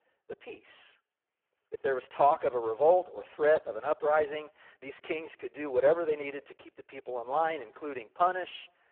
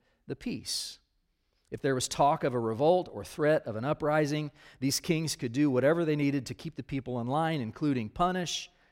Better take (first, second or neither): second